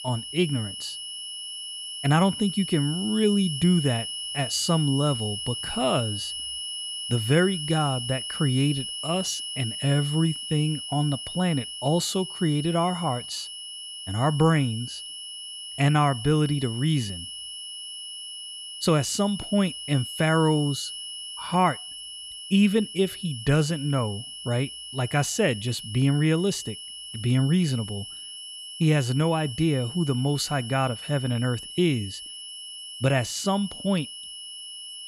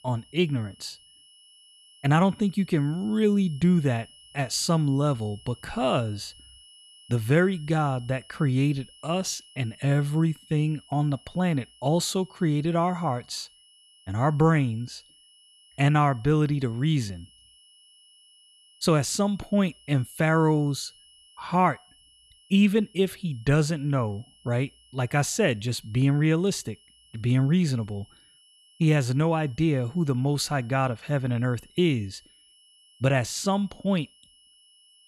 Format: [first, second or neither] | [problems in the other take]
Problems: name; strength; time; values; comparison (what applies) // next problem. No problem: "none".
second | high-pitched whine; loud; throughout; 3 kHz, 8 dB below the speech; faint in the second